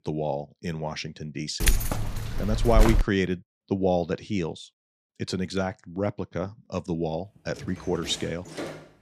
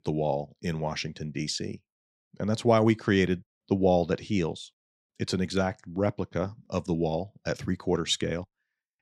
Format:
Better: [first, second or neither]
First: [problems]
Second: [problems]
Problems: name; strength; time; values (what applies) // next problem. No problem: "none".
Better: second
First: jangling keys; loud; from 1.5 to 3 s; peak 5 dB above the speech // door banging; noticeable; from 7.5 s on; peak 7 dB below the speech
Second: none